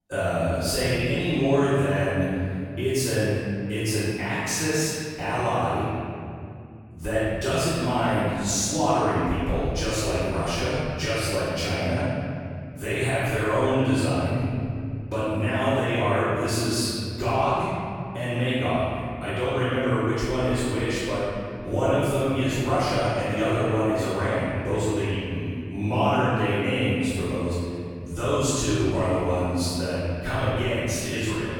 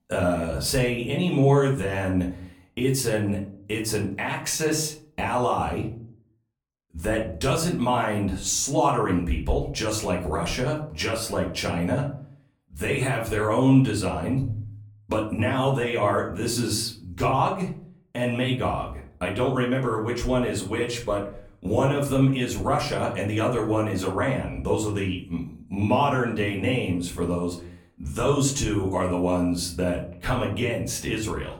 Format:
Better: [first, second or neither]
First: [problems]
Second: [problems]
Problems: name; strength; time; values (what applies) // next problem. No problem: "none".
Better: second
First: room echo; strong; dies away in 2.4 s // off-mic speech; far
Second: room echo; slight; dies away in 0.4 s // off-mic speech; far